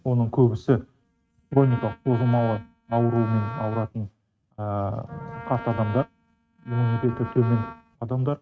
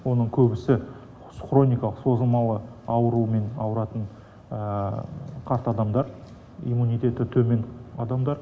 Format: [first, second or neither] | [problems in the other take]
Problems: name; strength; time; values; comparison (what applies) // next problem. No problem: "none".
second | noise reduction (neural mask model RNNoise)